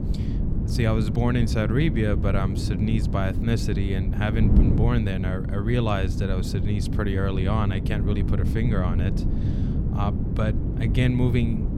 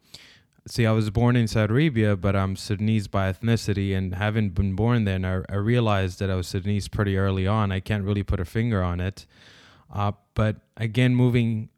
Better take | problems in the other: second | wind noise on the microphone; heavy; 6 dB below the speech

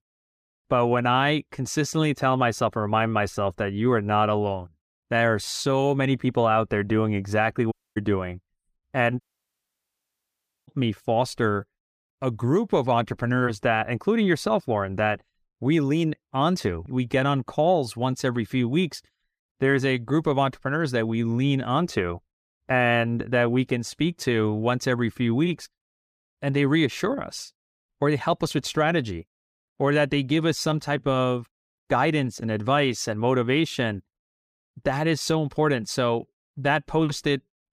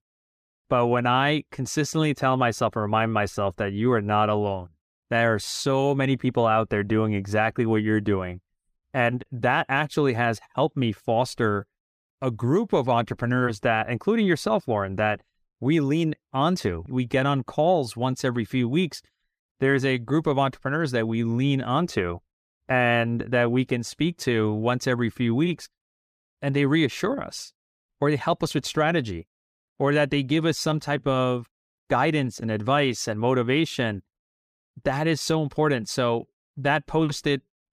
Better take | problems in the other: second | audio cutting out; at 7.5 s and at 9 s for 1.5 s

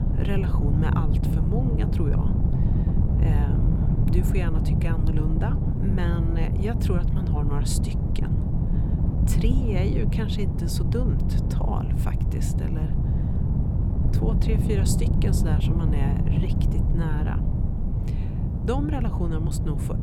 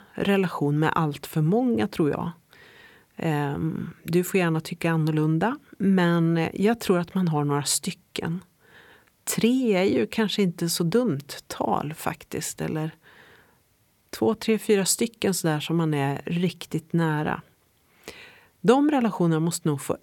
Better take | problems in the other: second | wind noise on the microphone; heavy; as loud as the speech

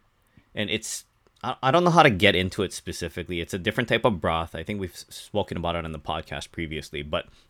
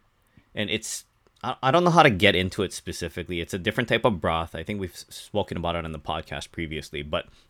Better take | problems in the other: neither | none

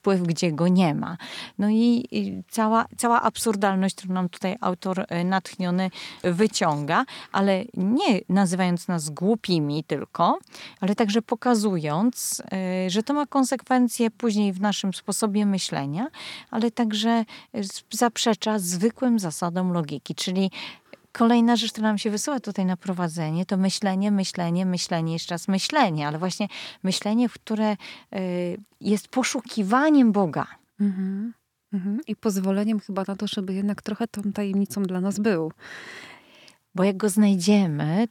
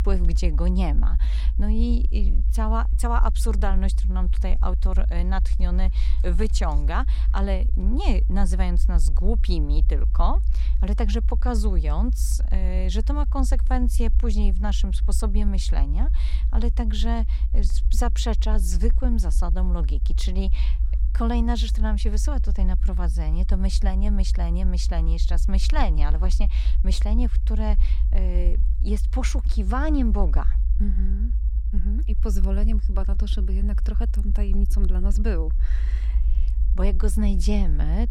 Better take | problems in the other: first | low rumble; noticeable; throughout; 15 dB below the speech

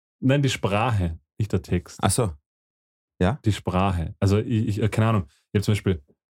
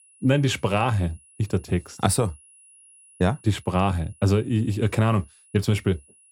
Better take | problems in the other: first | high-pitched whine; faint; throughout; 10.5 kHz, 25 dB below the speech

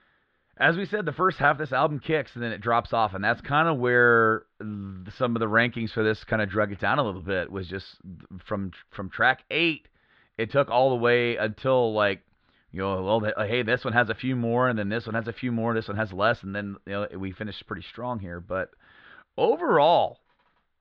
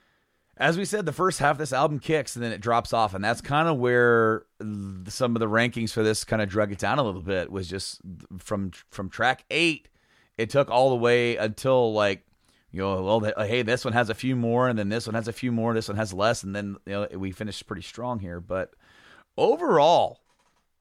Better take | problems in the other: second | muffled; slightly; fading above 4 kHz

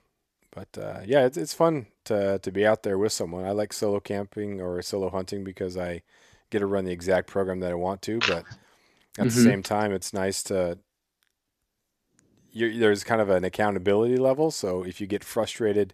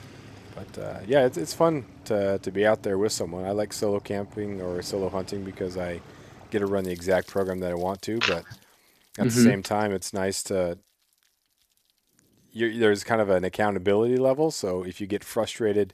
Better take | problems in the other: first | rain or running water; faint; throughout; 20 dB below the speech

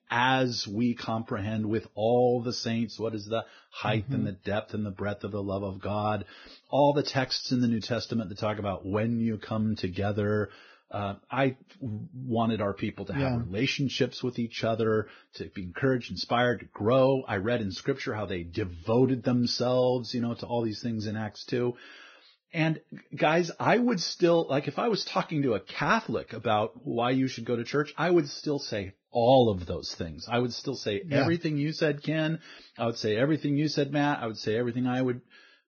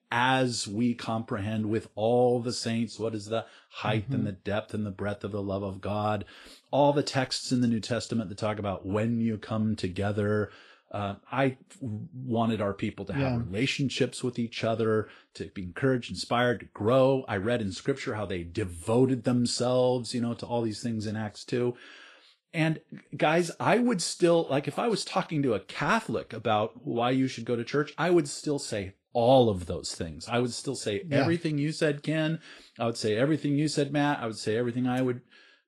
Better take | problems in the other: second | garbled, watery; badly; nothing above 6 kHz; slightly in the second

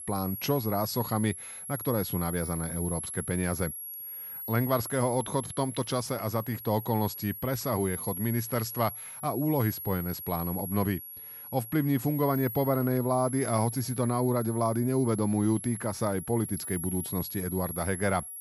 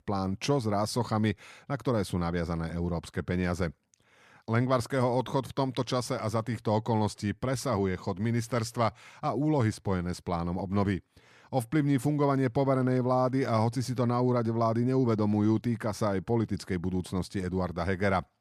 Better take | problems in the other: second | high-pitched whine; loud; throughout; 11 kHz, 7 dB below the speech

